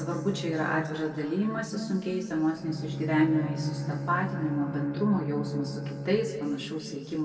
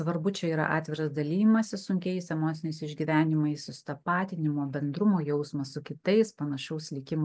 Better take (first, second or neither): second